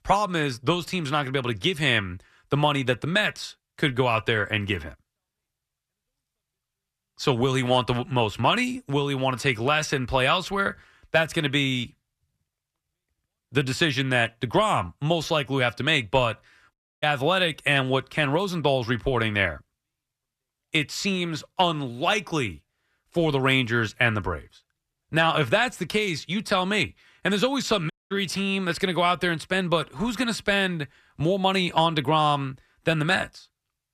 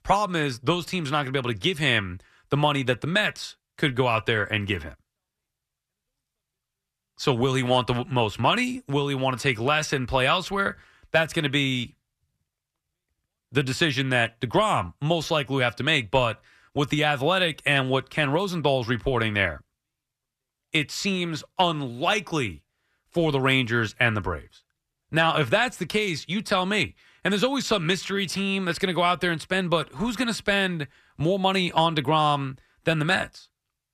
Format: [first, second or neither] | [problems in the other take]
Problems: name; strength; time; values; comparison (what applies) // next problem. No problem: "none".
second | audio cutting out; at 17 s and at 28 s